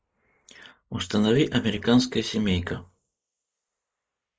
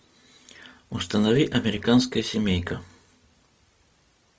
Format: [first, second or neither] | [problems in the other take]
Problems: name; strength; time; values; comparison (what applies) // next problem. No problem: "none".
second | noise reduction (neural mask model Resemble Enhance denoiser)